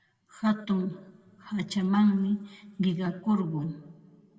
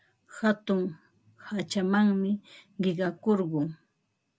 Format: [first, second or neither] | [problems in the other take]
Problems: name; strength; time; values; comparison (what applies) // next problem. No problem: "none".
second | room echo; dies away in 1.6 s